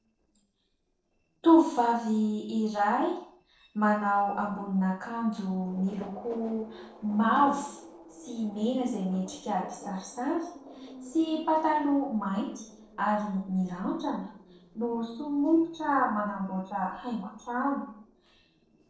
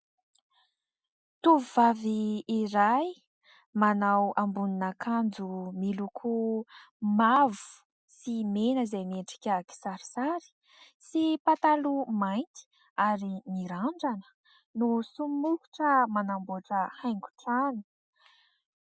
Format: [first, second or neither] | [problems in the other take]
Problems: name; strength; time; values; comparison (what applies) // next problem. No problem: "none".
second | noise reduction (neural separator model SepFormer DNS4)